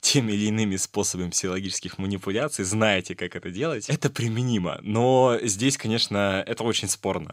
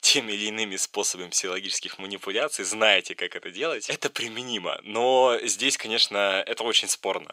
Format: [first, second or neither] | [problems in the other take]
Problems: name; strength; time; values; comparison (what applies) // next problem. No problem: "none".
first | thin; somewhat; fading below 500 Hz